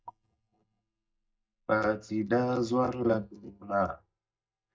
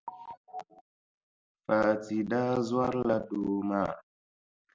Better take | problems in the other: second | noise reduction (neural mask model DeepFilterNet 3)

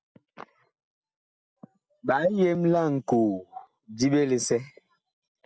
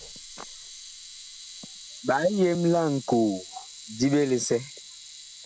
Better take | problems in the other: first | background sound (Camera); 16 dB below the speech

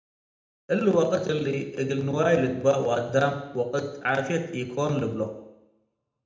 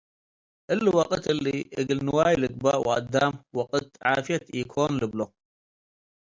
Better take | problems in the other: second | room echo; dies away in 0.8 s

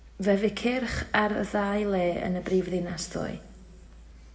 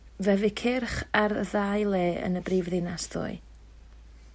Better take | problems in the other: second | room echo; dies away in 1.9 s

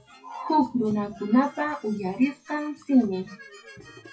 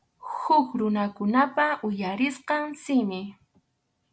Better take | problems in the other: second | noise reduction (classical method WPE with log-MMSE)

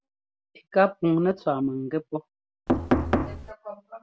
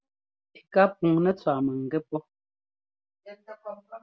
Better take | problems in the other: second | background sound (Knock); 3 dB above the speech

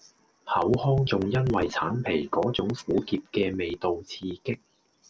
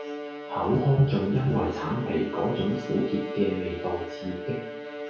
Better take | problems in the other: first | background sound (Bowed string instrument); 9 dB below the speech // room echo; dies away in 0.6 s

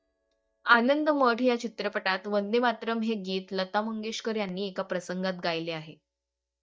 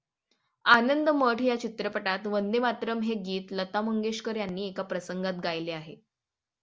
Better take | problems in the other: second | noise reduction (neural mask model DeepFilterNet 3)

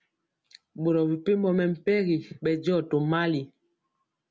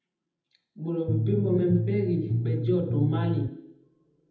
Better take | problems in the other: first | background sound (Bass guitar); 1 dB above the speech // room echo; dies away in 0.8 s

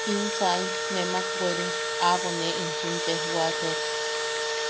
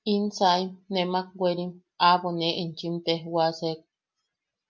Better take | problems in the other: second | background sound (Engine / Drill); 1 dB above the speech

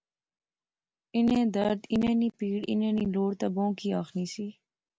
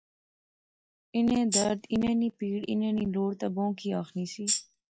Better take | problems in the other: first | noise reduction (classical method log-MMSE)

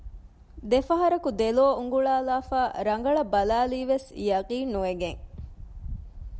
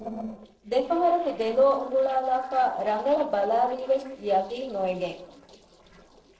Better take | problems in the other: first | noise reduction (neural separator model SepFormer DNS4)

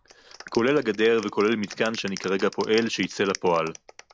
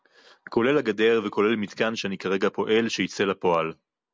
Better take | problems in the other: second | background sound (Clapping); 18 dB below the speech

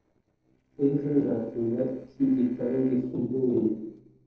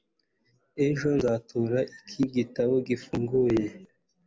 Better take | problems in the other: second | noise reduction (neural separator model SepFormer DNS4)

